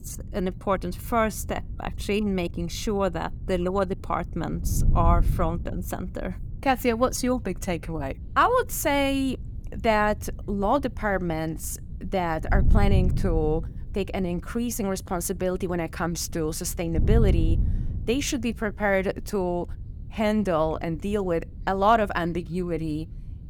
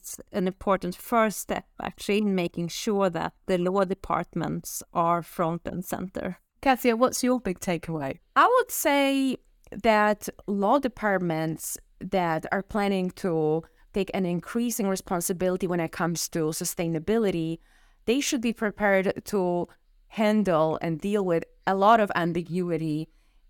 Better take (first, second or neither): second